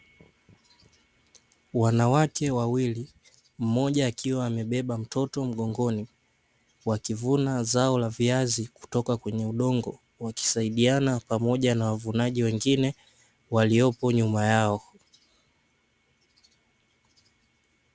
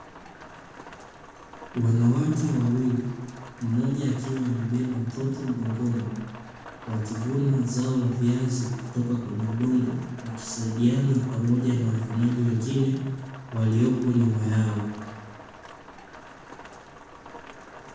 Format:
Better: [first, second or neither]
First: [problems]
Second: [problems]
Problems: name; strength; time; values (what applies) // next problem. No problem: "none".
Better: first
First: none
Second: background sound (Rain); 18 dB below the speech // room echo; dies away in 1.1 s